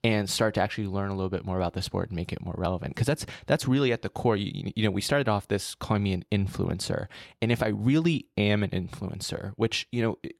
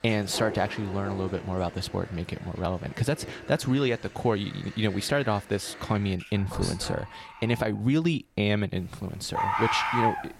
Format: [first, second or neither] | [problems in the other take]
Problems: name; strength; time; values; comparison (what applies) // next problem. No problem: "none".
first | animal sounds; loud; throughout; 5 dB below the speech